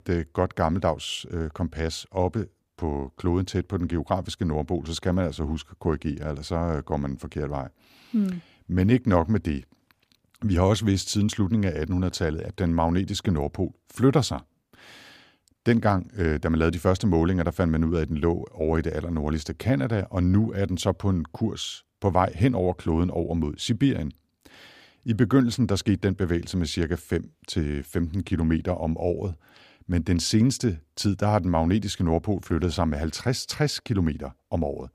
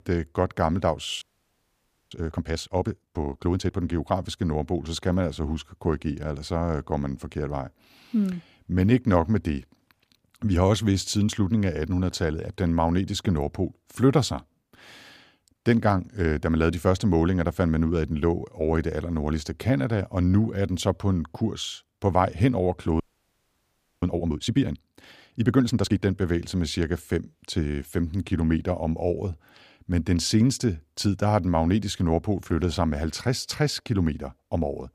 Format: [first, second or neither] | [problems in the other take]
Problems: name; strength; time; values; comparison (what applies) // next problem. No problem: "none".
first | audio freezing; at 1 s for 1 s and at 23 s for 1 s